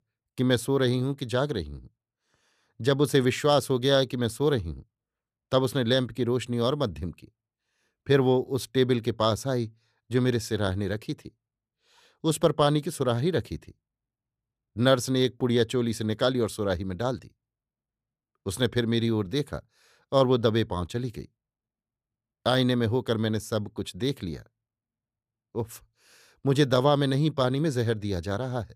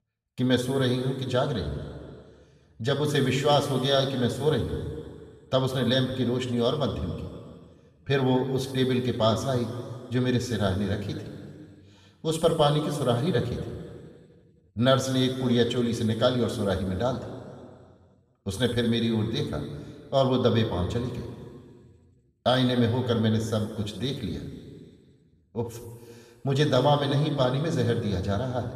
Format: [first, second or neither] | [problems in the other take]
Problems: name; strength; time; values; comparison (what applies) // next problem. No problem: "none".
first | room echo; noticeable; dies away in 2 s // off-mic speech; somewhat distant